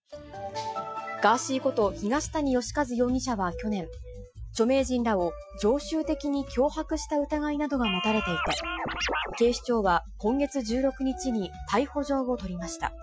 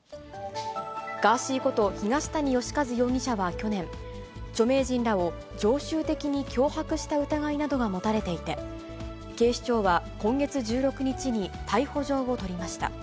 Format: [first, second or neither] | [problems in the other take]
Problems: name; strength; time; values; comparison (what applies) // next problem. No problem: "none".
second | noise reduction (classical method Wiener filter)